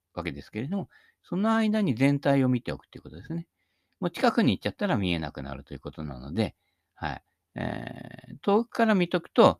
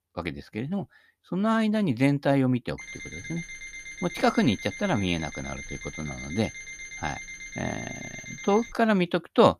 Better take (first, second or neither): first